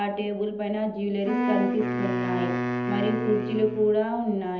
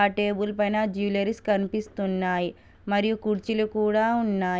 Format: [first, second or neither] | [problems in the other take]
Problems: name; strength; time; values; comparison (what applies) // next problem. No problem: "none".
second | background sound (Wind instrument, woodwind instrument); 2 dB below the speech // room echo; dies away in 1.2 s